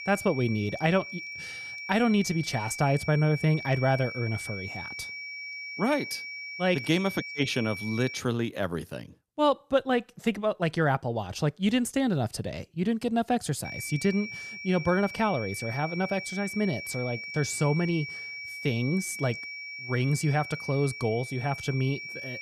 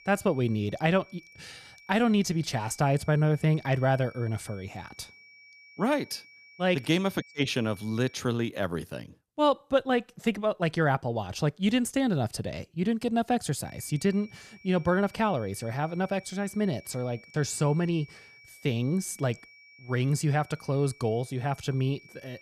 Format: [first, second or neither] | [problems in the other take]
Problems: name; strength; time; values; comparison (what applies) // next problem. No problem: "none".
second | high-pitched whine; loud; until 8 s and from 14 s on; 2.5 kHz, 8 dB below the speech; faint in the second